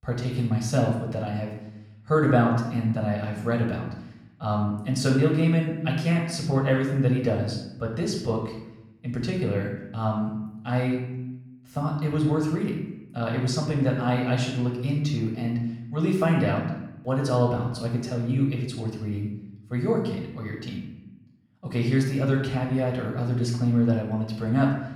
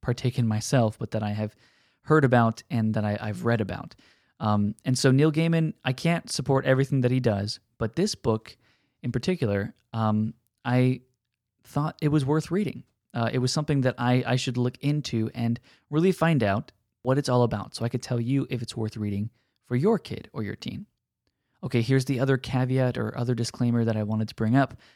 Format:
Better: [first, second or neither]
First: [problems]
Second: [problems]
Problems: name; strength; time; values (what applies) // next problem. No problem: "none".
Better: second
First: off-mic speech; far // room echo; noticeable; dies away in 0.8 s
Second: none